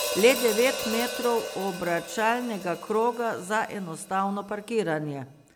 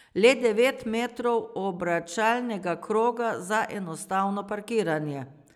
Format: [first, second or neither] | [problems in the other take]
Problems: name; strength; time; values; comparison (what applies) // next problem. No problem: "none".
second | background sound (Hi-hat); 9 dB below the speech